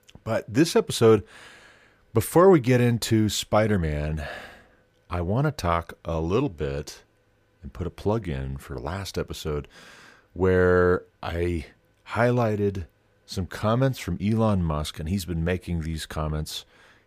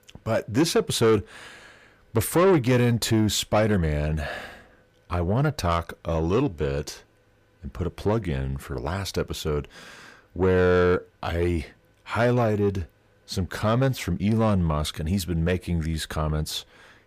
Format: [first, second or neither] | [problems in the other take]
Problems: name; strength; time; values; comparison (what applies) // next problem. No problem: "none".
first | distortion; slight; 10 dB below the speech